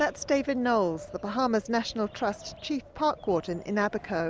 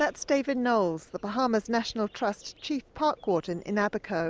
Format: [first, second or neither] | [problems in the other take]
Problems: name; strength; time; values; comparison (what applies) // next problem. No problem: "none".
second | background sound (Wind); 19 dB below the speech